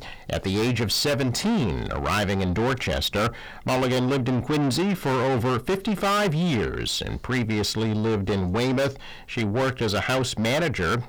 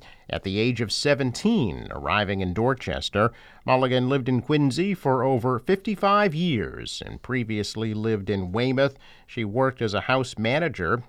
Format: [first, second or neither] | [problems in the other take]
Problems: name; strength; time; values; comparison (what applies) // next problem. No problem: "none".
second | distortion; heavy; 6 dB below the speech